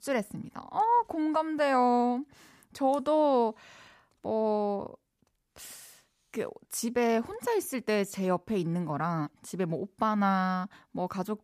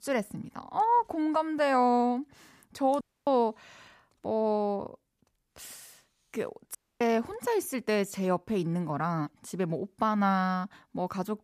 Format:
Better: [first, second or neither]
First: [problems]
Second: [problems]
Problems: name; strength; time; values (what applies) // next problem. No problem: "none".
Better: first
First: none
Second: audio cutting out; at 3 s and at 7 s